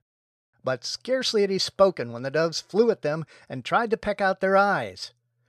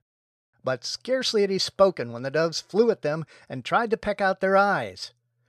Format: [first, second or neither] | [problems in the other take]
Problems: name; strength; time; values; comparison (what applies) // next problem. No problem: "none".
neither | none